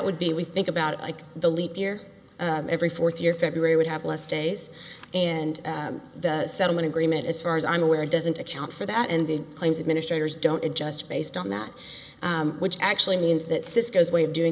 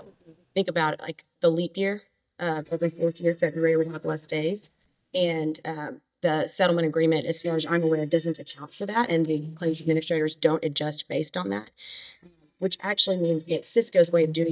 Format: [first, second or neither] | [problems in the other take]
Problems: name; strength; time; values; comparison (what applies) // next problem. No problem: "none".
first | noise reduction (neural mask model DeepFilterNet 3)